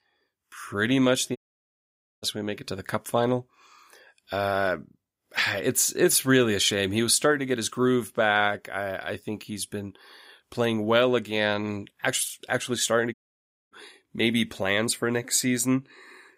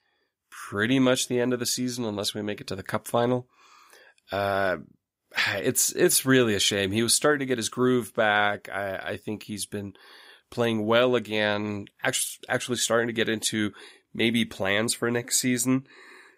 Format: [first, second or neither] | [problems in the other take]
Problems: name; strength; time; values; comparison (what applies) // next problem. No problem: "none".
second | audio cutting out; at 1.5 s for 1 s and at 13 s for 0.5 s